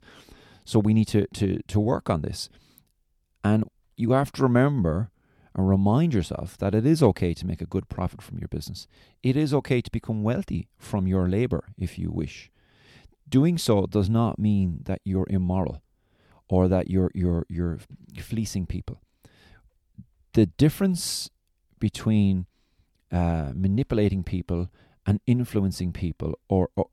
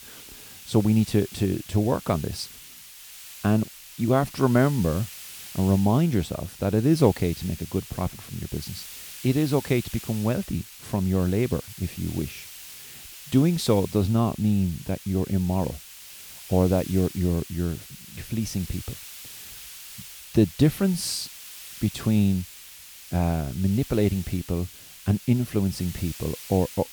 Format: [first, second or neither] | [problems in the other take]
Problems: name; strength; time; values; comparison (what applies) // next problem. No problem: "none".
first | hiss; noticeable; throughout; 15 dB below the speech